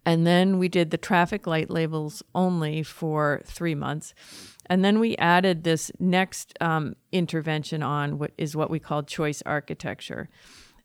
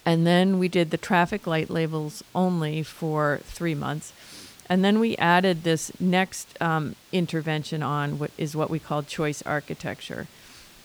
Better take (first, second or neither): first